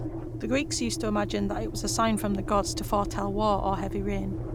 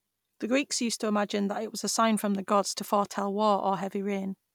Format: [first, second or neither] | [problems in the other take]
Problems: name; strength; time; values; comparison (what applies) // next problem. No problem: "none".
second | background sound (Engine); 4 dB below the speech